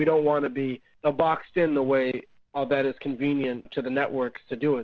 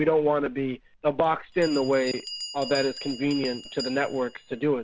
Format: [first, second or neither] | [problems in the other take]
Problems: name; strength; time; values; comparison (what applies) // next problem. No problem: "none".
first | background sound (Bell); 14 dB below the speech